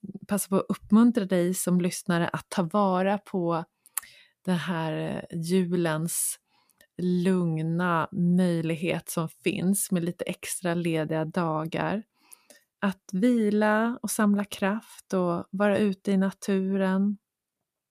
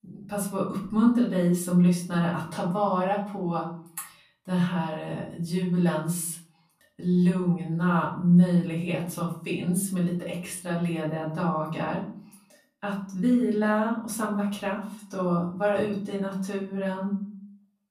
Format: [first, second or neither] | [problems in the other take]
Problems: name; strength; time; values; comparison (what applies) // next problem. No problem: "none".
first | off-mic speech; far // room echo; slight; dies away in 0.5 s